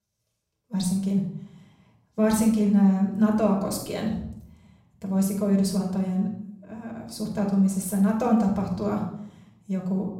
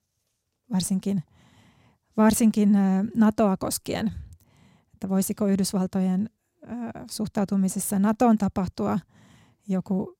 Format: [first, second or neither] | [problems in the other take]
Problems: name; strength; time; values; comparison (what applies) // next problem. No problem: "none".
second | off-mic speech; somewhat distant // room echo; noticeable; dies away in 0.6 s